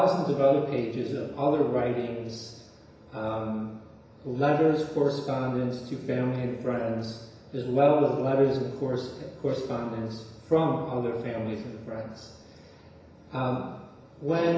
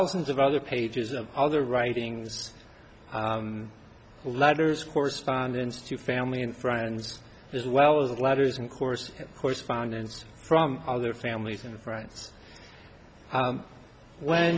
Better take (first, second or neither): second